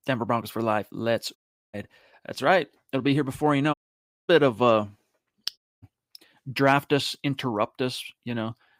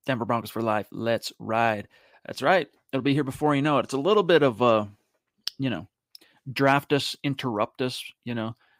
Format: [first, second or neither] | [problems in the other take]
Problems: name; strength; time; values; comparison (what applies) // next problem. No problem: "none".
second | audio cutting out; at 1.5 s, at 3.5 s for 0.5 s and at 5.5 s